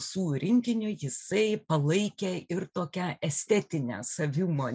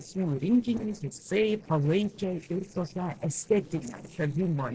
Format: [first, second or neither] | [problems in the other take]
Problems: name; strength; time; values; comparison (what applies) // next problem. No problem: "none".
first | noise reduction (neural separator model SepFormer DNS4)